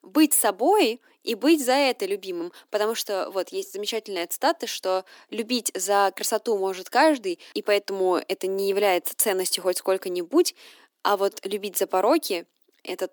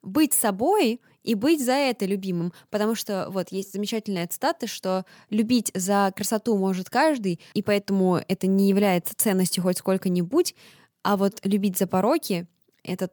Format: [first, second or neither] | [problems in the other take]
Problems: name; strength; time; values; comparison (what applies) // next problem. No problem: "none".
second | thin; somewhat; fading below 300 Hz